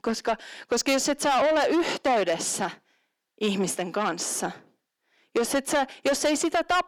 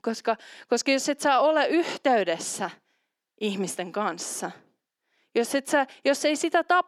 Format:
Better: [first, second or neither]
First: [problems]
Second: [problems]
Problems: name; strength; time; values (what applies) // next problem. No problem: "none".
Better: second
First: distortion; heavy; 8 dB below the speech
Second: none